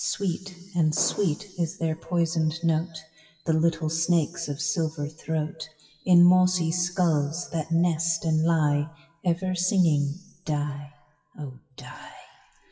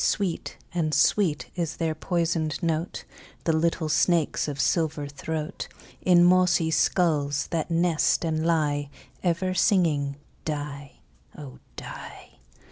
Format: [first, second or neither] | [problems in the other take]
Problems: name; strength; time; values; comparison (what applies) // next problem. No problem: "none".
second | noise reduction (classical method WPE with log-MMSE)